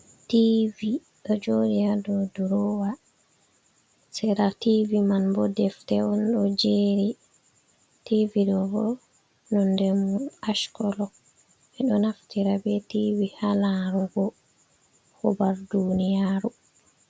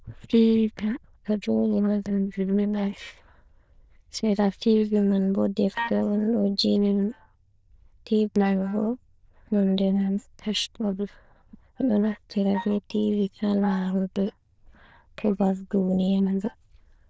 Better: first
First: none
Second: noise reduction (neural diffusion model UNIVERSE++)

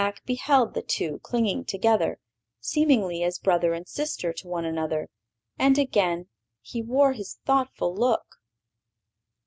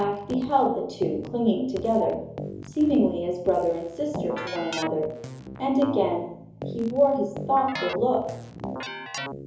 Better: first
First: none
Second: background sound (Keyboard (musical)); 11 dB below the speech // room echo; dies away in 2.8 s

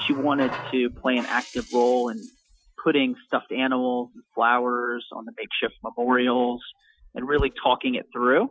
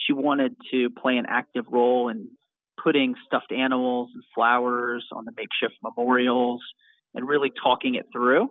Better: second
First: noise reduction (classical method Wiener filter)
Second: none

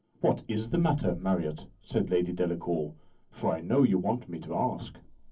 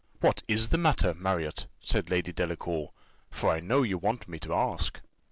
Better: second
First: room echo; dies away in 0.3 s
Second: none

